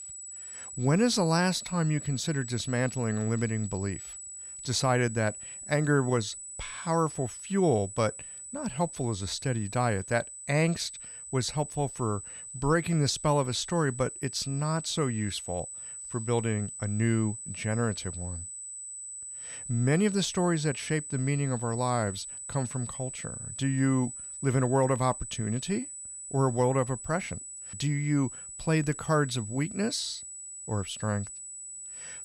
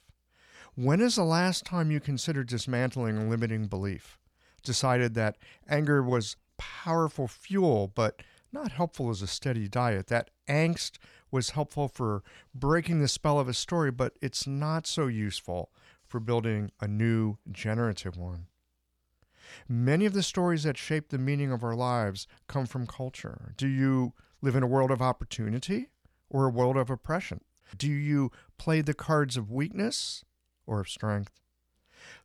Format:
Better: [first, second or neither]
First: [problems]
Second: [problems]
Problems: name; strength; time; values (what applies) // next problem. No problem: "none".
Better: second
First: high-pitched whine; loud; throughout; 8 kHz, 10 dB below the speech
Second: none